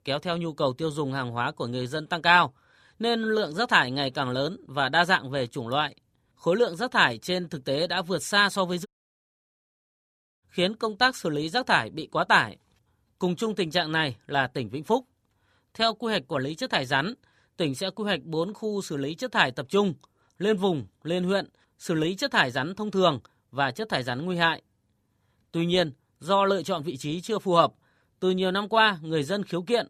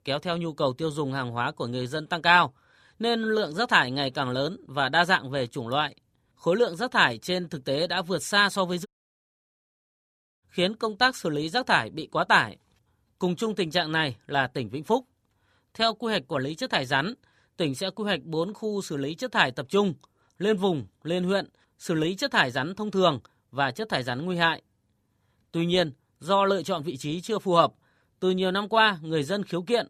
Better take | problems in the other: neither | audio cutting out; at 9 s for 1.5 s; the same in both

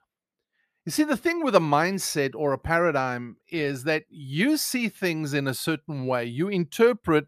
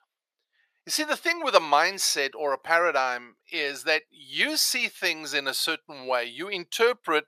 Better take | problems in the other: first | thin; very; fading below 650 Hz

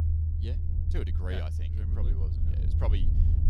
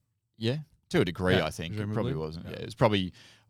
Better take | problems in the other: second | low rumble; loud; throughout; 2 dB below the speech

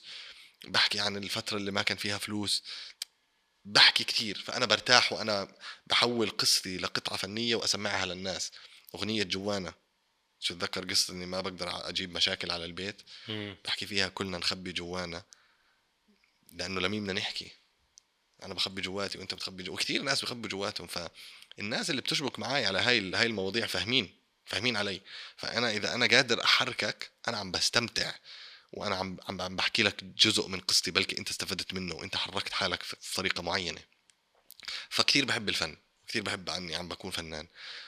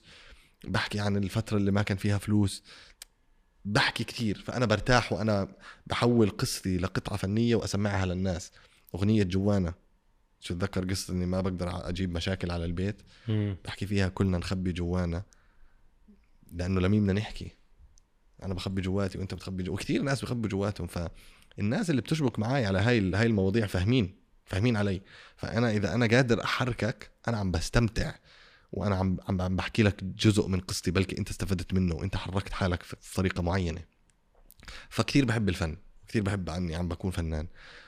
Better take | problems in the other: second | thin; somewhat; fading below 900 Hz

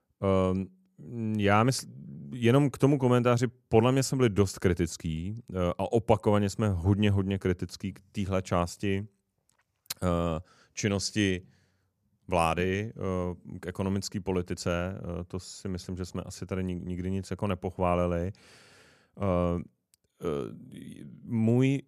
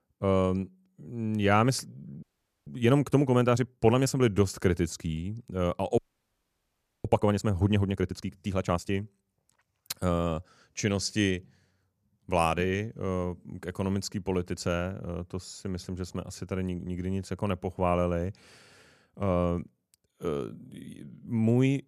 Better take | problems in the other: first | audio freezing; at 2 s and at 6 s for 1 s

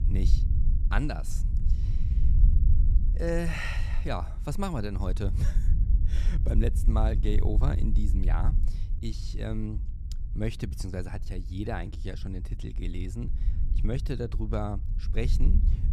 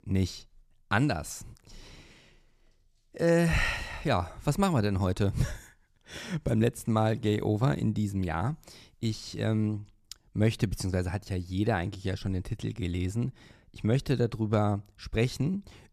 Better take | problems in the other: second | low rumble; noticeable; throughout; 10 dB below the speech

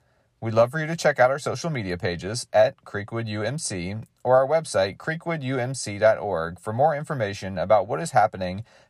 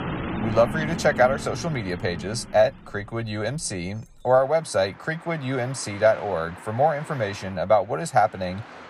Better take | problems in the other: first | traffic noise; noticeable; throughout; 10 dB below the speech

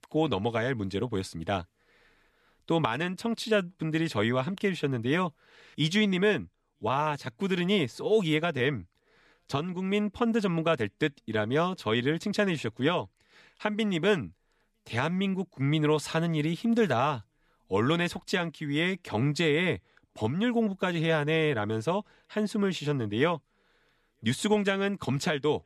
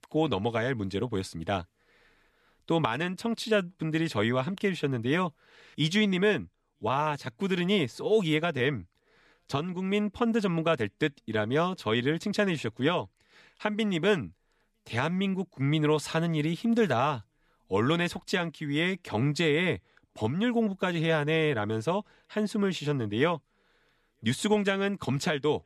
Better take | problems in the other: neither | none

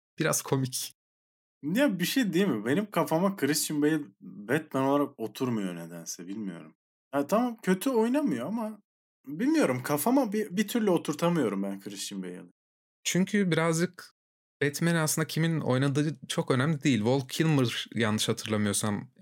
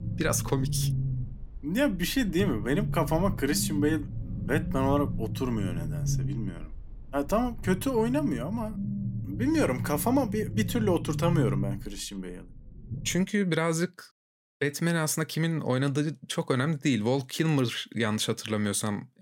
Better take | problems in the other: first | low rumble; noticeable; until 13 s; 15 dB below the speech

